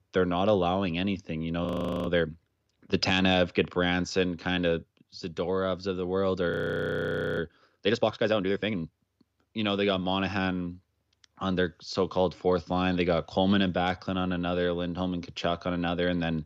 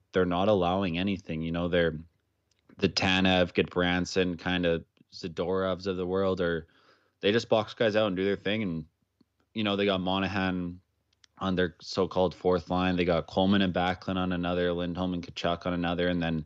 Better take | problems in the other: second | audio freezing; at 1.5 s and at 6.5 s for 1 s

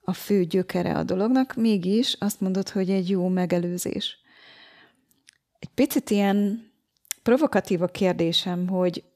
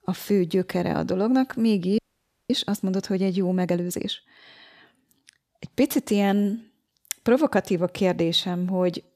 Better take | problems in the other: first | audio freezing; at 2 s for 0.5 s

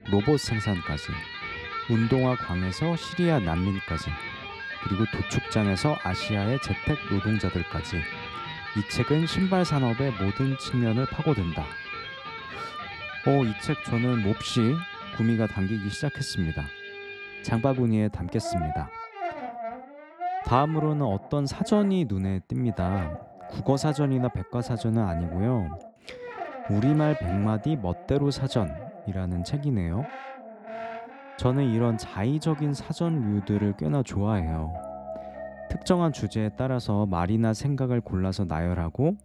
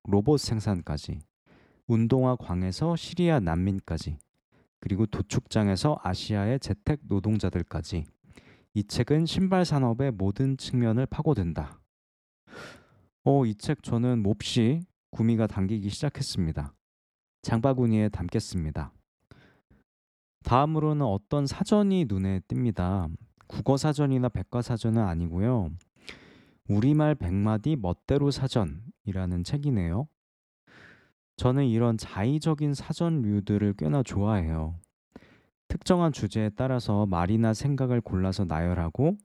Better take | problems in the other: second | background music; loud; throughout; 10 dB below the speech

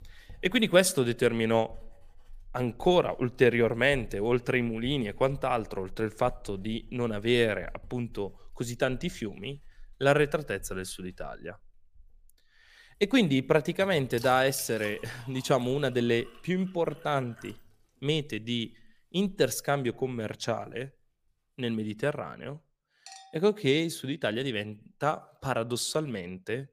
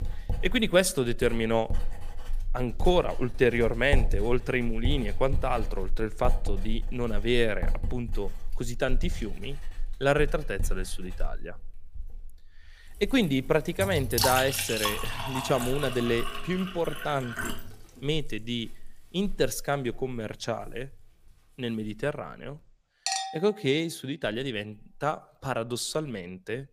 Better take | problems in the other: first | household noises; loud; throughout; 6 dB below the speech; faint in the first

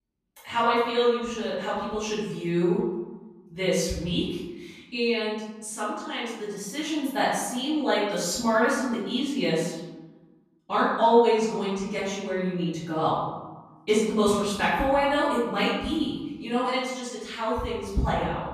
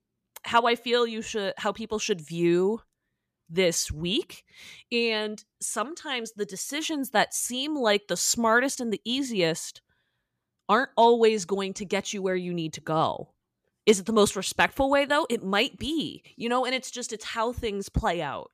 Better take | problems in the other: second | off-mic speech; far // room echo; noticeable; dies away in 1.1 s

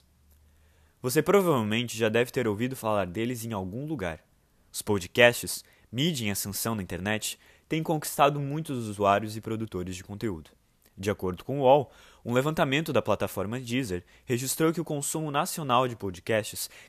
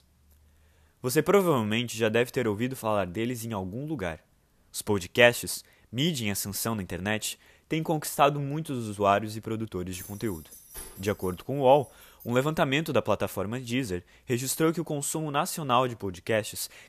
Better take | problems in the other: first | jangling keys; faint; from 10 to 12 s; peak 15 dB below the speech

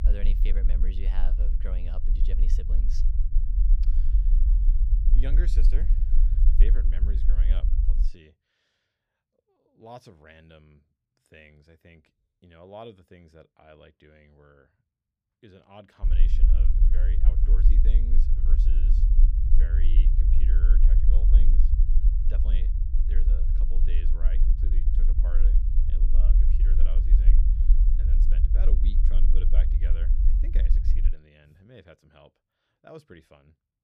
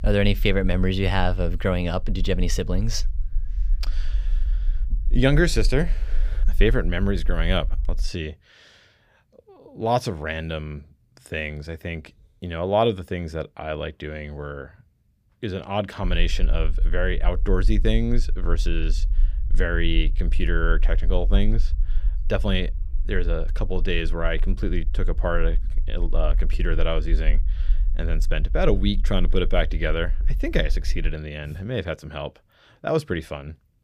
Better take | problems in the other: second | low rumble; loud; until 8 s and from 16 to 31 s; as loud as the speech; faint in the second

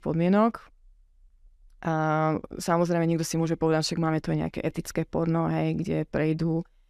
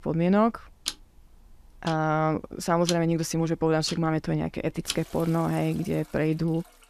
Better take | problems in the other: first | household noises; noticeable; throughout; 10 dB below the speech

